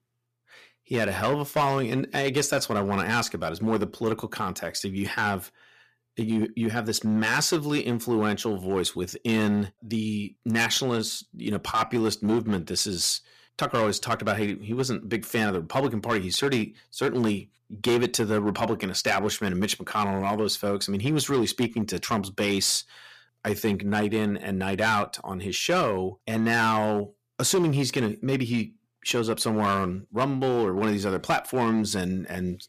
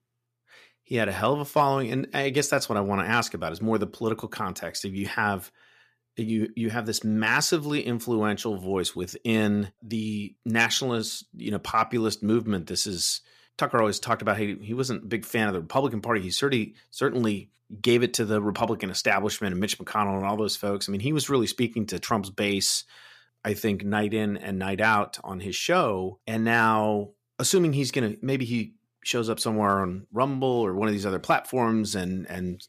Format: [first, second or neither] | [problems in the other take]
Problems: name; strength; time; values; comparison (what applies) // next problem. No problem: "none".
second | distortion; slight; 6% of the sound clipped